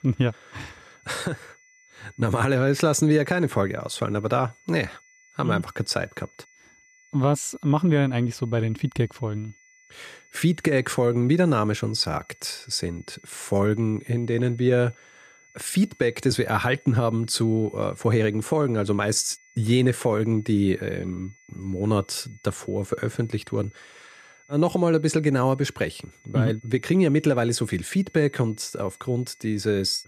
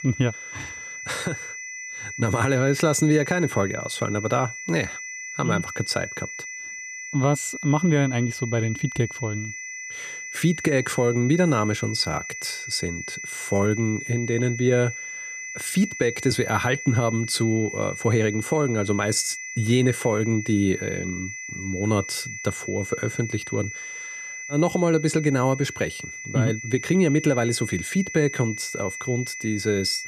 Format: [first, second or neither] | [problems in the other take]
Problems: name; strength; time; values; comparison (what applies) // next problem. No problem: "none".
first | high-pitched whine; loud; throughout; 2 kHz, 9 dB below the speech; faint in the first